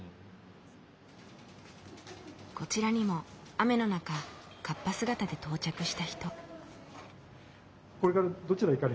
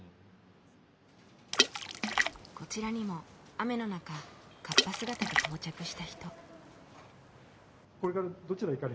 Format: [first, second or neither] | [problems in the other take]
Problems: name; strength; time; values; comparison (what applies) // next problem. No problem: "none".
first | background sound (Water / Splash, splatter); 3 dB above the speech